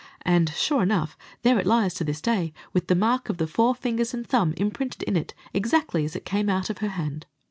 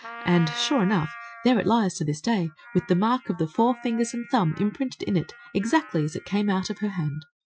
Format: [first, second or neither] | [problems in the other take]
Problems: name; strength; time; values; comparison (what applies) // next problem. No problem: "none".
first | noise reduction (classical method Wiener filter)